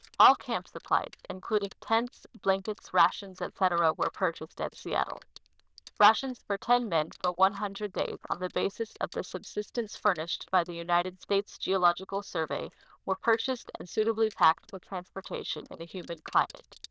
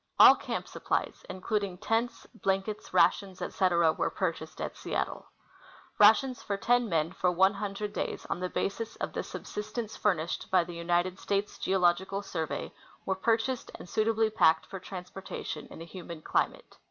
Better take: second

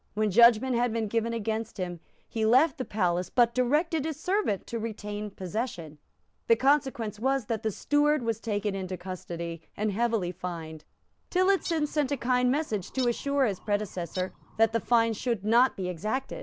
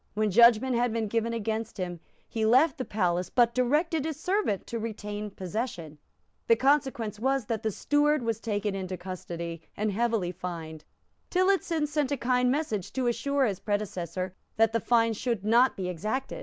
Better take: second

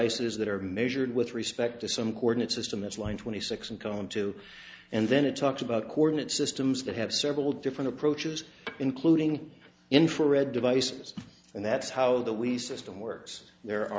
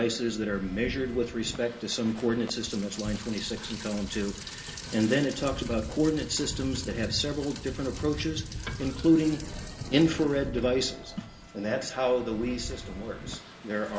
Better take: first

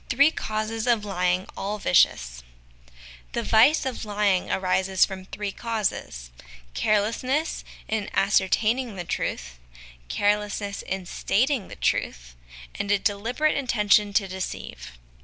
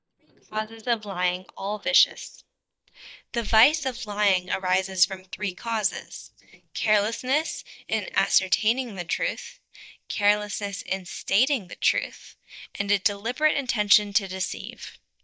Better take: first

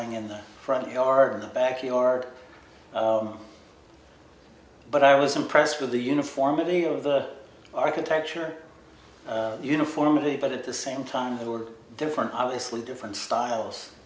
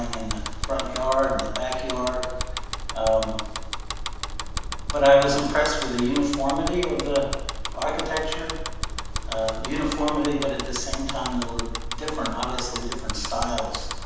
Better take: first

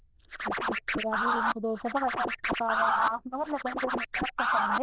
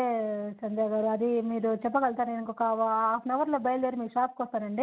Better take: second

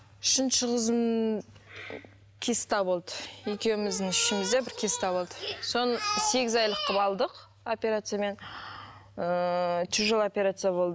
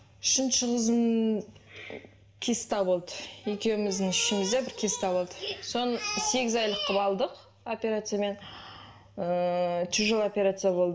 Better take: first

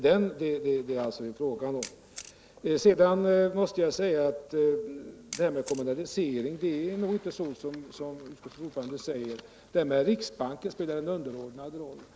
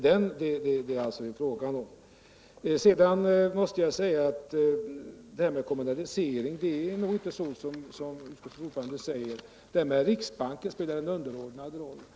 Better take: second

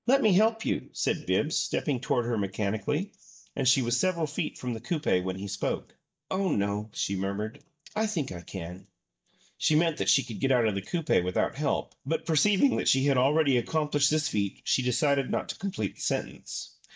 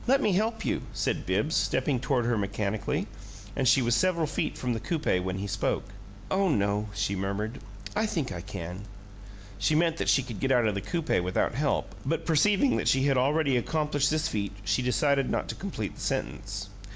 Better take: second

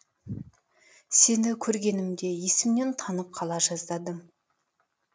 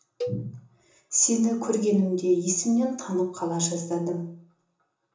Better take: first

